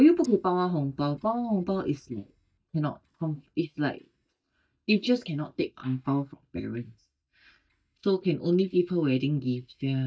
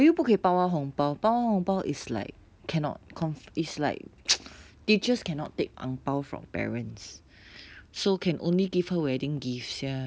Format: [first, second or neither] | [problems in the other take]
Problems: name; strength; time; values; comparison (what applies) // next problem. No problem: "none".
second | noise reduction (neural mask model DeepFilterNet 3)